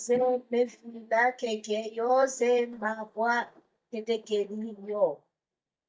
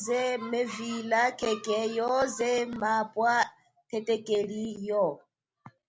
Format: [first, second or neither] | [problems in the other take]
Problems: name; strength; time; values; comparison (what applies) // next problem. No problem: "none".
second | noise reduction (neural mask model DeepFilterNet 3)